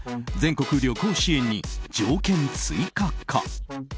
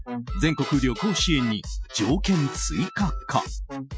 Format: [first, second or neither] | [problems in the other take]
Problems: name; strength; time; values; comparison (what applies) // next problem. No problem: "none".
first | noise reduction (classical method Wiener filter)